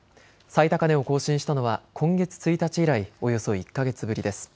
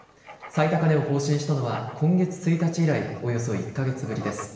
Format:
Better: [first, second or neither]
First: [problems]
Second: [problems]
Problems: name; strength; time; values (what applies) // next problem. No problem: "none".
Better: first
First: none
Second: background sound (Writing); 20 dB below the speech // room echo; dies away in 1 s